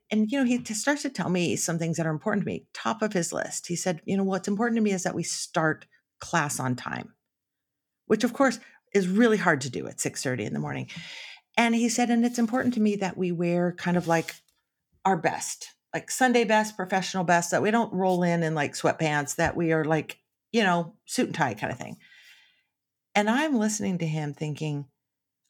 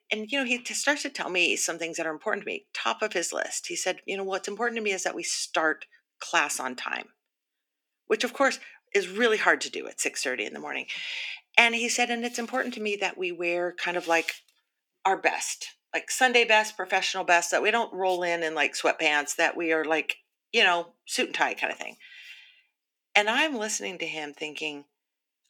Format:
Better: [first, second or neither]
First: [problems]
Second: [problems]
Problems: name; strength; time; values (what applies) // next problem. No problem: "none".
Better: first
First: none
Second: thin; somewhat; fading below 300 Hz